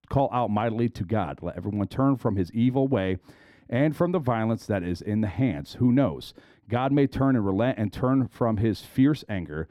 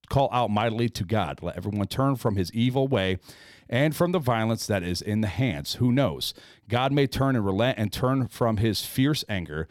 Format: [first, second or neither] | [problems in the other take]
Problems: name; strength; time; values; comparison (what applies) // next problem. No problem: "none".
second | muffled; slightly; fading above 2.5 kHz